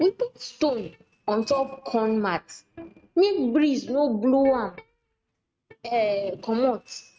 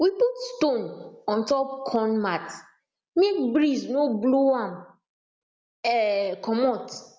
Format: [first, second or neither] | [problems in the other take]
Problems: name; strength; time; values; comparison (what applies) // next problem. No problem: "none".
second | noise reduction (neural mask model RNNoise)